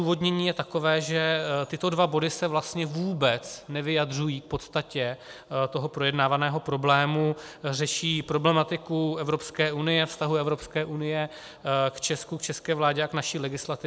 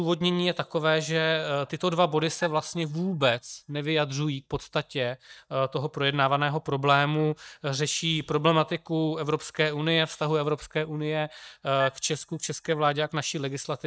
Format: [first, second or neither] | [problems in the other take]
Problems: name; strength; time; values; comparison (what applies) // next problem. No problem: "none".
first | noise reduction (neural mask model DeepFilterNet 3)